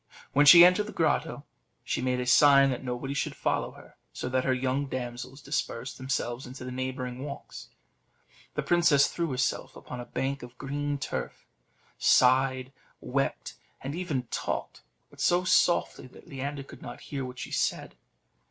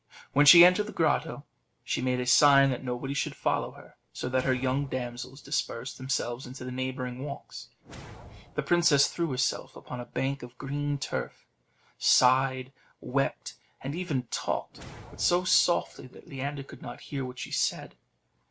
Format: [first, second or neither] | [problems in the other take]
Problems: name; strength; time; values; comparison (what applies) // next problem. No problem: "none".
first | background sound (Whoosh, swoosh, swish); 20 dB below the speech